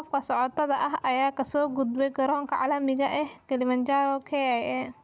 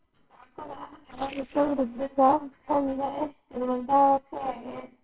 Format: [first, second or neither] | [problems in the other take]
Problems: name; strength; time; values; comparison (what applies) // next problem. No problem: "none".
first | noise reduction (neural separator model SepFormer WHAMR!)